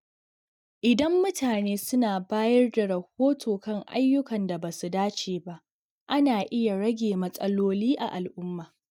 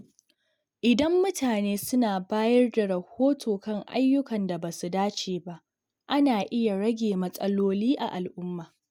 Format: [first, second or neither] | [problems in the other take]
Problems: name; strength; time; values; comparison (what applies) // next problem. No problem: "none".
second | noise reduction (neural mask model DeepFilterNet 3)